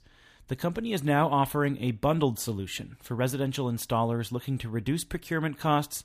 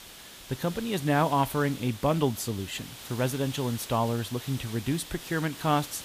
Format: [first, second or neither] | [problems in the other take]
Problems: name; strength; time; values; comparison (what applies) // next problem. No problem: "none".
first | hiss; noticeable; throughout; 15 dB below the speech